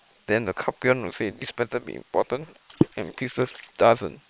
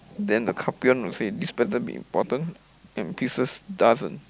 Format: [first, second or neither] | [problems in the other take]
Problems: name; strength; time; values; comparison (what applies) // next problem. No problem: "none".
second | noise reduction (neural separator model SepFormer WHAM!)